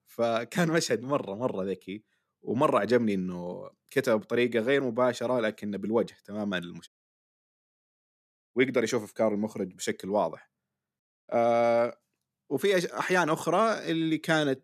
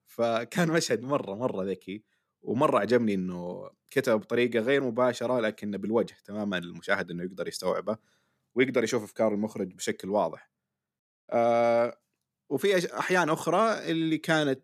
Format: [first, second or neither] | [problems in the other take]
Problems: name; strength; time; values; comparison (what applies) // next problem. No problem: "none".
second | audio cutting out; at 7 s for 1.5 s